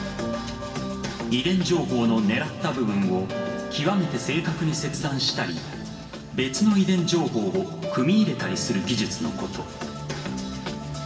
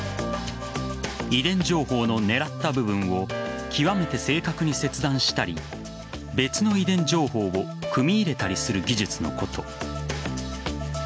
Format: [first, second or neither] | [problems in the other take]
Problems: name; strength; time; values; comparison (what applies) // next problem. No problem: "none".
second | room echo; dies away in 2.6 s